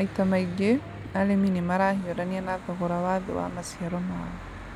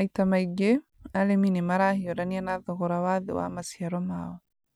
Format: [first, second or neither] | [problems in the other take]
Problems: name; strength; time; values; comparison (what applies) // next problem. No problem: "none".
second | background sound (Church bell / Traffic noise, roadway noise); 13 dB below the speech